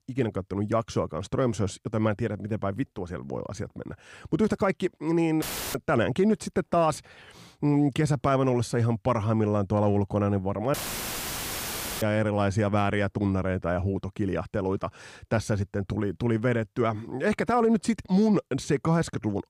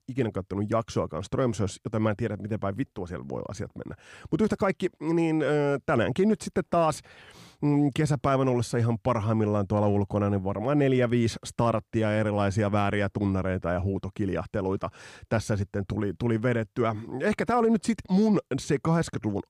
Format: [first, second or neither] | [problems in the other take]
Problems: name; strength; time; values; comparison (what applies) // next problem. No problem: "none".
second | audio cutting out; filled with static; at 5.5 s and at 11 s for 1.5 s